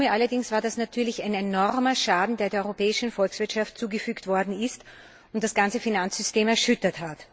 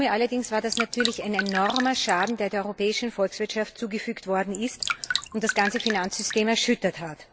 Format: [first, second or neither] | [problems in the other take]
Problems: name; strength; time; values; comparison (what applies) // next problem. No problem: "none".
first | background sound (Drip); 5 dB below the speech